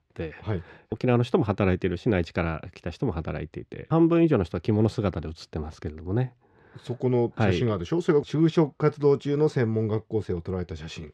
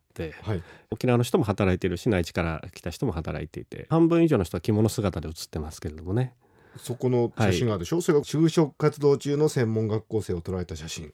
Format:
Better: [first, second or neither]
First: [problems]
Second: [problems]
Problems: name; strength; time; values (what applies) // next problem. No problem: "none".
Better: second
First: muffled; slightly; fading above 3.5 kHz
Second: none